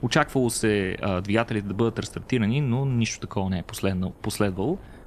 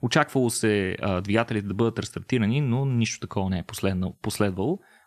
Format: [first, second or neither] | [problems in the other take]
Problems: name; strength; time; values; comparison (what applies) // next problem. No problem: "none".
second | wind noise on the microphone; occasional gusts; 25 dB below the speech